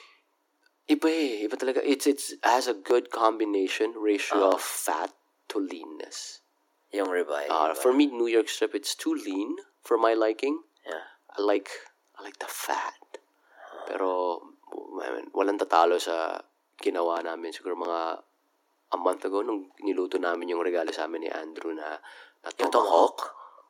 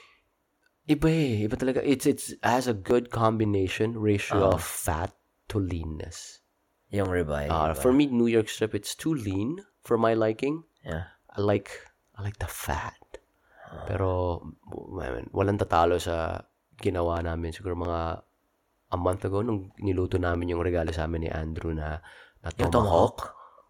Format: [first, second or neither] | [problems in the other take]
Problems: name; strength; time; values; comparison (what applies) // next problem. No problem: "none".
second | thin; somewhat; fading below 300 Hz